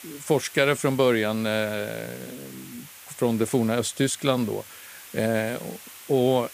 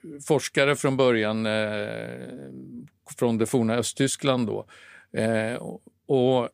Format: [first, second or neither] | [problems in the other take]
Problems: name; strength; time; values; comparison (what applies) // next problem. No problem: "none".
second | hiss; noticeable; throughout; 15 dB below the speech